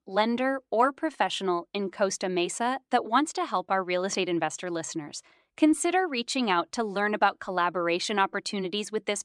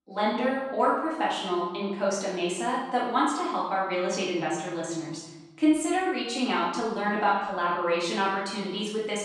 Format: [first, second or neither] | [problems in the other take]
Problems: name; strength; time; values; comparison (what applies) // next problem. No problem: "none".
first | off-mic speech; far // room echo; noticeable; dies away in 1.1 s